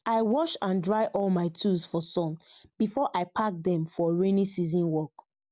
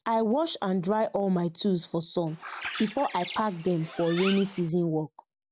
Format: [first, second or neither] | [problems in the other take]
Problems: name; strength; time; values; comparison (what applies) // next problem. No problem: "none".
first | background sound (Bird); 11 dB below the speech